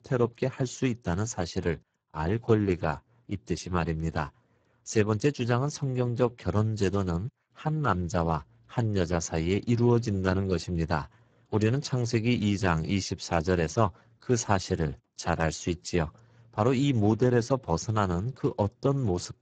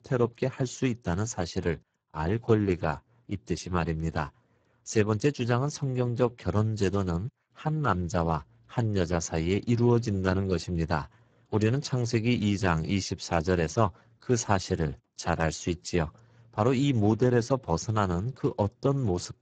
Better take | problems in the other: neither | garbled, watery; badly; nothing above 7.5 kHz; the same in both

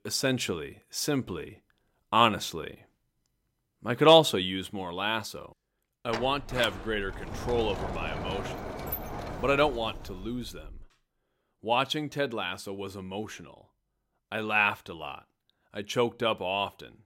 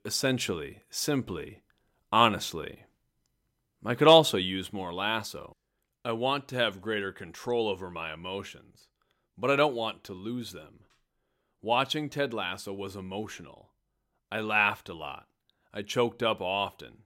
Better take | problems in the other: second | door banging; noticeable; from 6 to 11 s; peak 7 dB below the speech

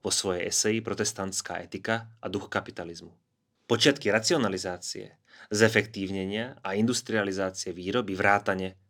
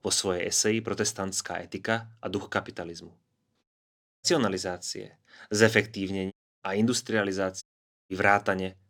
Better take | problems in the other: first | audio cutting out; at 3.5 s for 0.5 s, at 6.5 s and at 7.5 s

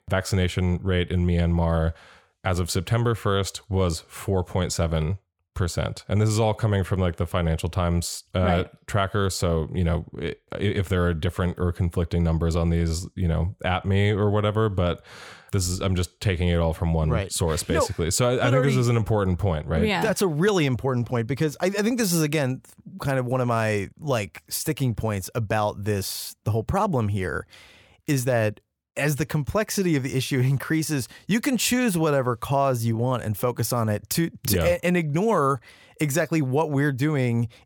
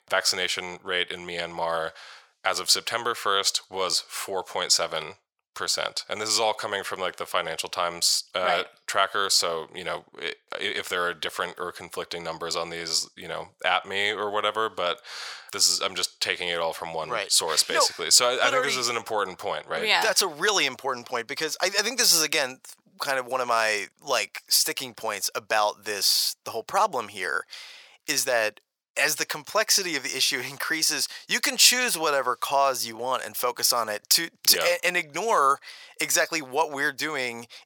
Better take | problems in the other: first | thin; very; fading below 750 Hz

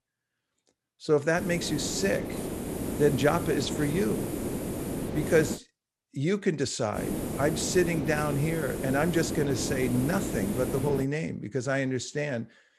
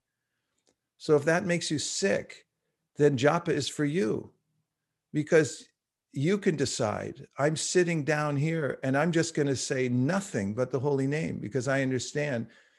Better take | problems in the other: second | hiss; loud; from 1.5 to 5.5 s and from 7 to 11 s; 5 dB below the speech

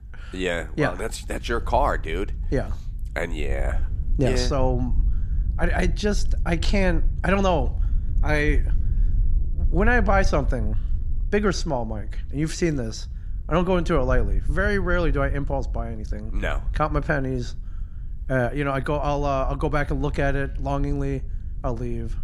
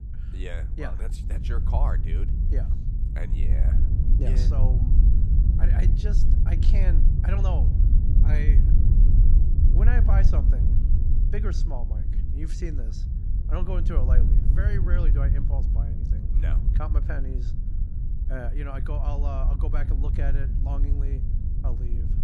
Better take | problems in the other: first | wind noise on the microphone; heavy; 3 dB below the speech; occasional gusts in the first

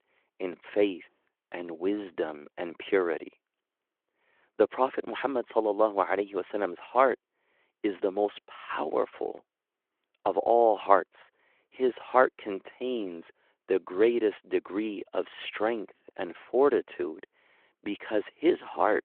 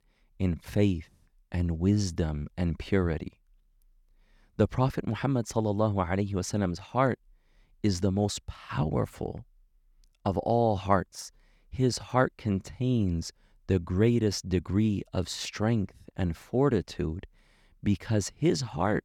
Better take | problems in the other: second | phone-call audio

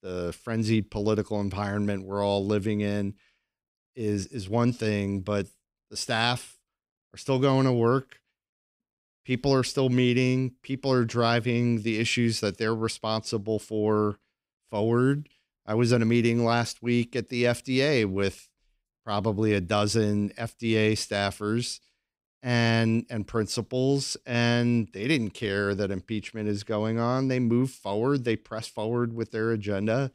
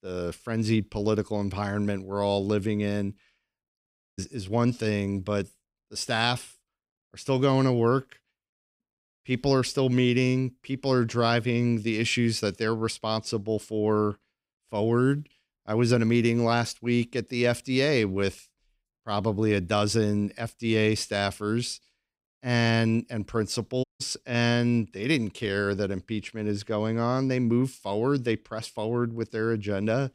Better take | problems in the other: first | audio cutting out; at 4 s and at 24 s

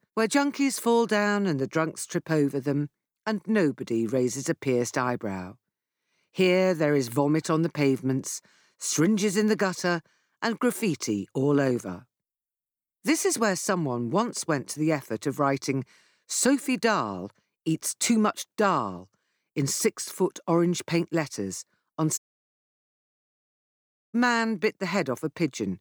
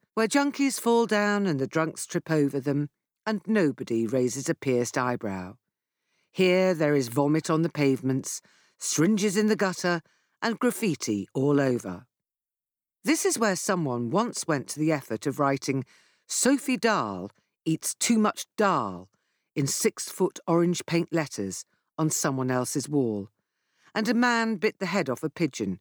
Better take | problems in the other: second | audio cutting out; at 22 s for 2 s

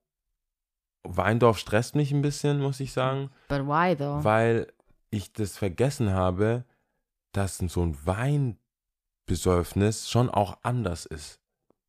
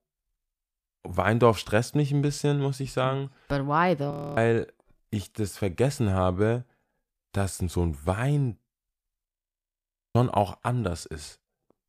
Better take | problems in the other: first | audio freezing; at 4 s and at 9.5 s for 1 s

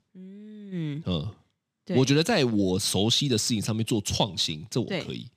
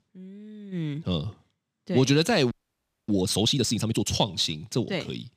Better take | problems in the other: first | audio freezing; at 2.5 s for 0.5 s

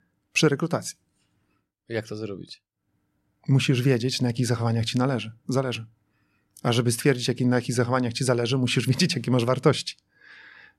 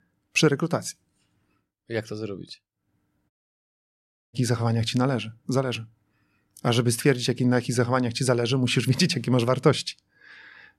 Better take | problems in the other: first | audio cutting out; at 3.5 s for 1 s

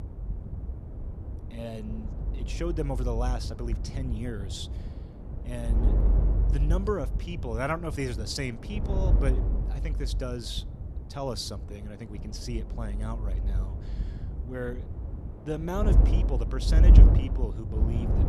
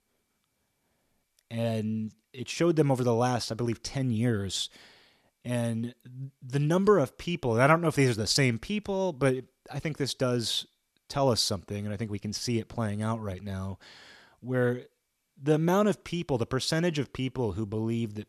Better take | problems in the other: second | wind noise on the microphone; heavy; 7 dB below the speech

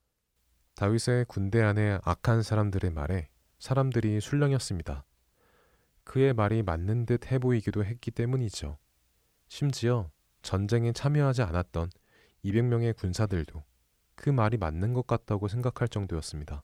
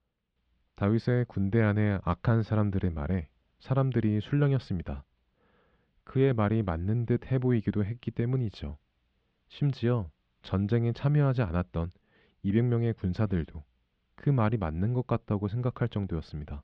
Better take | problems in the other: first | muffled; slightly; fading above 3.5 kHz

